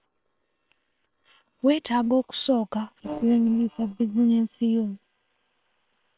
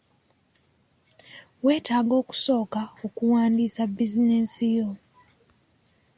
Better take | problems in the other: second | noise reduction (neural separator model SepFormer WHAM!)

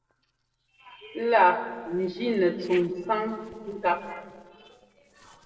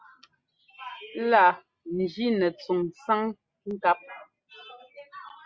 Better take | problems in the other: second | noise reduction (neural separator model SepFormer DNS4)

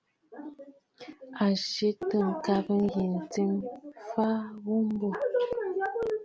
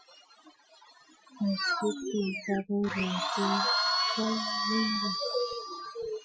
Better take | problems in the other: first | noise reduction (classical method Wiener filter)

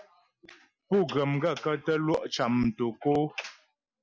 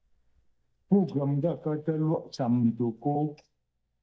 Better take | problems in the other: first | noise reduction (neural mask model DeepFilterNet 3)

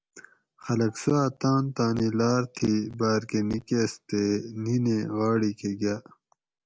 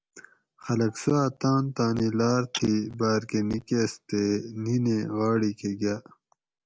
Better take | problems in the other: first | background sound (Tap / Glass); 14 dB below the speech

